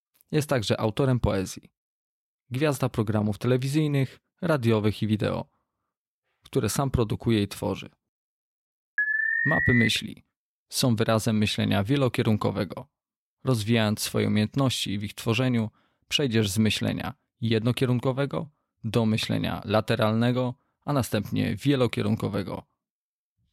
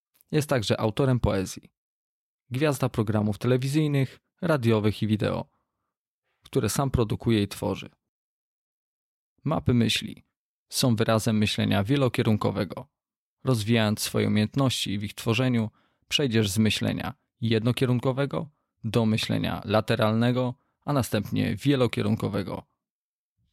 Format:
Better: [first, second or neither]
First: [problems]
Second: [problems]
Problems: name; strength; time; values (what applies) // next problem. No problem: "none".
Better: second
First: alarm; loud; at 9 s; peak 3 dB above the speech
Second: none